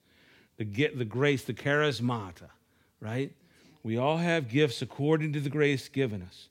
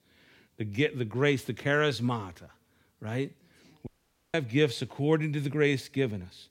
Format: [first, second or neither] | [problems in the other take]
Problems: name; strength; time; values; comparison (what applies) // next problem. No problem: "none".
first | audio cutting out; at 4 s